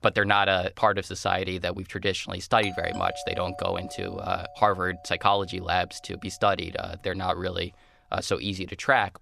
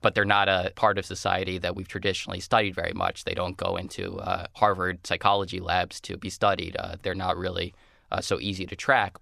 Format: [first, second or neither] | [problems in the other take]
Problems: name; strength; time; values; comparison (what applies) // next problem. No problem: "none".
second | doorbell; faint; from 2.5 to 5 s; peak 10 dB below the speech